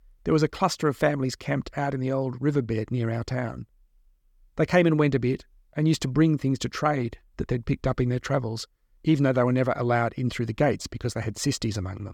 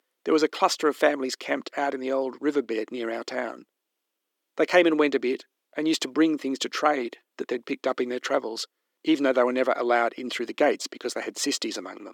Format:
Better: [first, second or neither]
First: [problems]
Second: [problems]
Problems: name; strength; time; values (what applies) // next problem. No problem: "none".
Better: first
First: none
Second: thin; somewhat; fading below 300 Hz